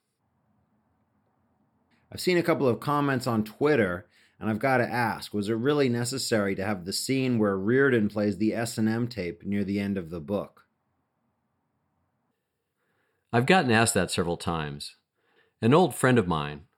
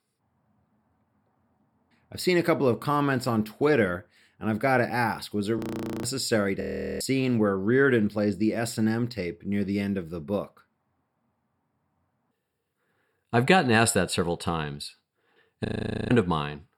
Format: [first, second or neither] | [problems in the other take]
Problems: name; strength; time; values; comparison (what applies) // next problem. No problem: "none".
first | audio freezing; at 5.5 s, at 6.5 s and at 16 s